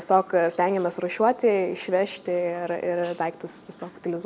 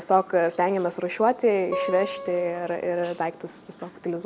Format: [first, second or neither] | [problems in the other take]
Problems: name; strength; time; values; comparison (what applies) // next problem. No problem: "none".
first | background sound (Acoustic guitar); 9 dB below the speech